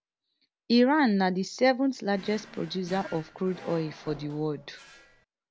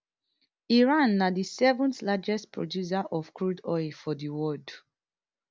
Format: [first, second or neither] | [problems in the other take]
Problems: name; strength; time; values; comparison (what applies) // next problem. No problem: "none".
second | background sound (Drawer open or close); 19 dB below the speech